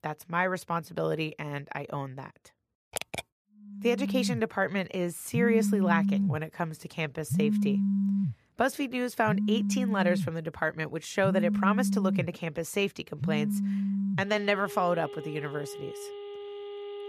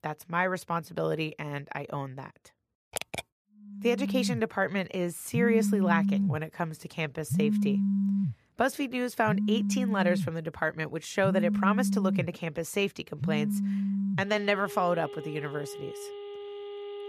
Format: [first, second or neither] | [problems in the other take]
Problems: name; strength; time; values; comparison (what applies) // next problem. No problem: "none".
neither | alarms or sirens; very loud; from 4 s on; as loud as the speech; the same in both